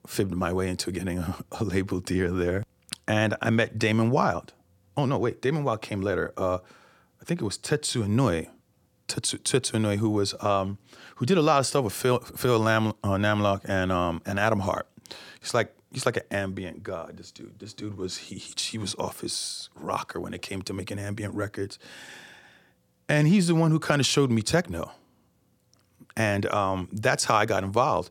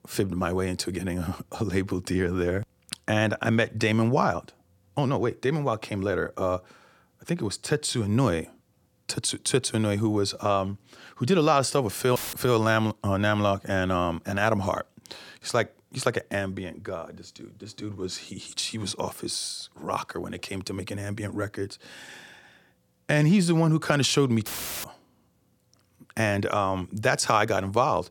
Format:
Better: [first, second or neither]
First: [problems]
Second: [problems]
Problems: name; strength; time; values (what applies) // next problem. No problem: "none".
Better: first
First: none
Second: audio cutting out; filled with static; at 12 s and at 24 s